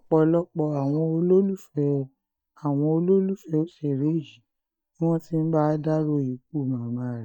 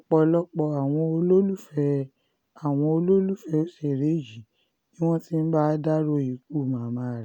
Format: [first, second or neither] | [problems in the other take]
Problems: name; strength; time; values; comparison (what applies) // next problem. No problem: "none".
second | noise reduction (neural mask model DeepFilterNet 3)